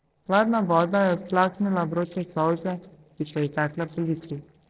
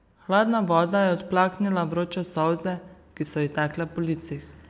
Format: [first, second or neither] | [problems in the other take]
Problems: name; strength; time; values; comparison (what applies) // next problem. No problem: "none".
second | noise reduction (neural separator model SepFormer DNS4)